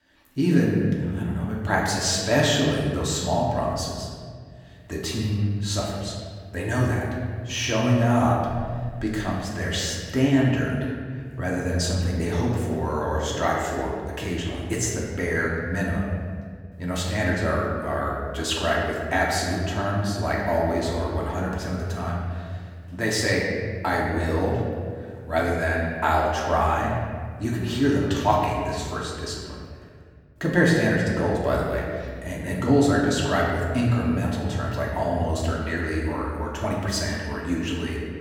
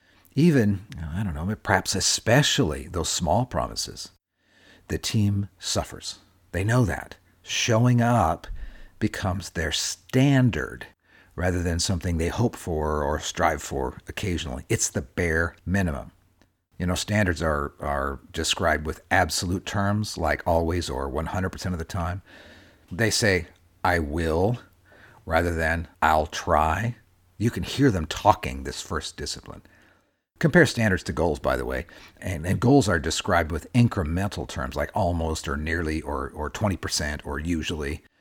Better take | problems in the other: second | room echo; noticeable; dies away in 1.8 s // off-mic speech; far

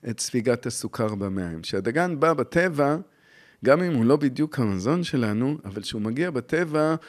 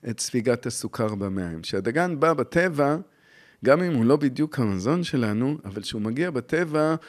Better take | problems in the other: neither | none

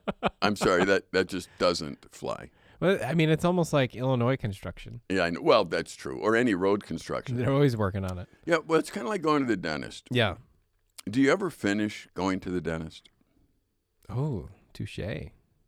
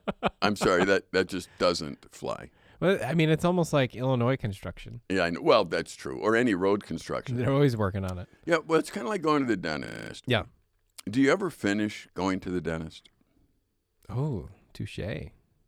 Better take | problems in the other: first | audio freezing; at 10 s

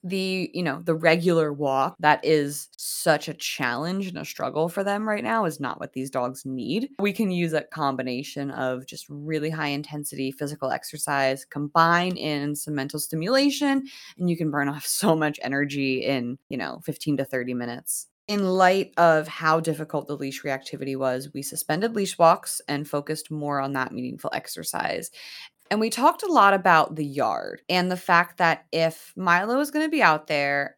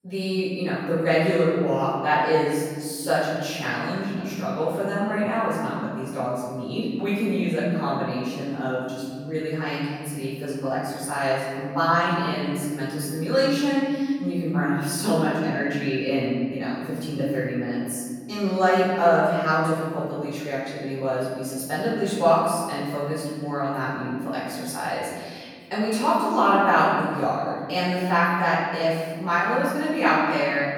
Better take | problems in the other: first | off-mic speech; far // room echo; strong; dies away in 2 s

